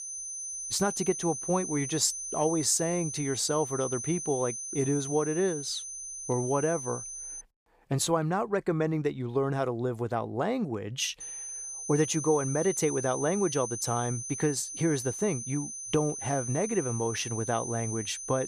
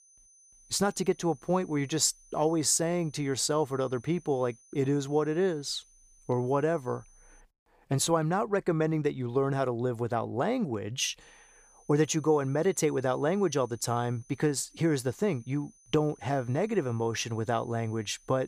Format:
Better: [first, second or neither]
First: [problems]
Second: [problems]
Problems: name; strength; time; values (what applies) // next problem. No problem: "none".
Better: second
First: high-pitched whine; loud; until 7.5 s and from 11 s on; 6 kHz, 6 dB below the speech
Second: high-pitched whine; faint; until 7.5 s and from 11 s on; 6 kHz, 30 dB below the speech